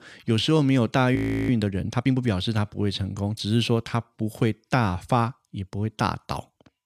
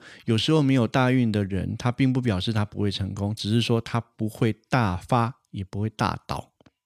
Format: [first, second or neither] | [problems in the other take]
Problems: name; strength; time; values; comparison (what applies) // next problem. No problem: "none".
second | audio freezing; at 1 s